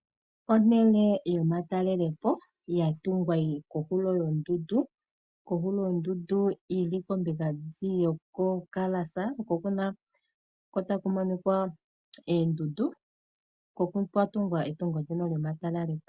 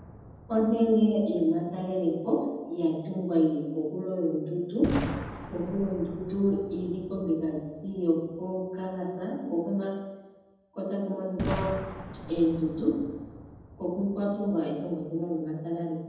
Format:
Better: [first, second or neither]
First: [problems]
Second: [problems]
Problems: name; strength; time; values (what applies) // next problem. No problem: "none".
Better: first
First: none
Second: background sound (Boom); 13 dB below the speech // room echo; dies away in 1.1 s